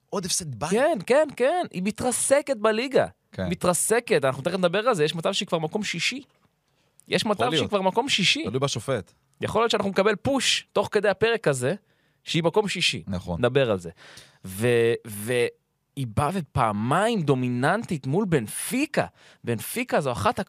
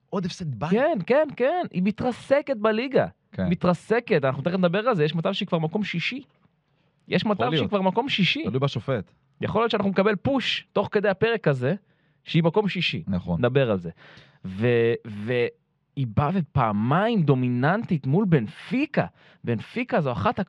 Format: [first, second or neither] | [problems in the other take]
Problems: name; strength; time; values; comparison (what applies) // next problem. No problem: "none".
first | muffled; slightly; fading above 3.5 kHz